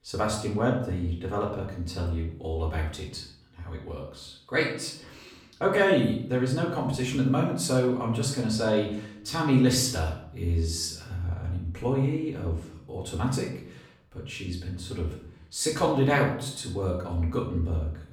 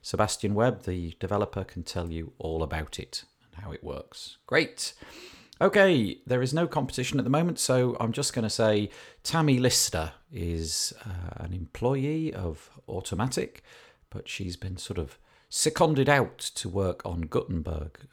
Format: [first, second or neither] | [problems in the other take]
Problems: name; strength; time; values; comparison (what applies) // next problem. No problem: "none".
second | off-mic speech; far // room echo; noticeable; dies away in 0.6 s